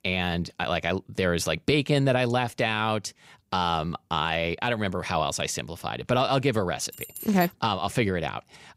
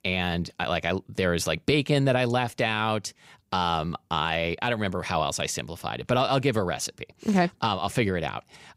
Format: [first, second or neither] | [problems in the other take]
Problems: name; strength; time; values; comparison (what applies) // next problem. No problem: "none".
second | jangling keys; faint; at 7 s; peak 10 dB below the speech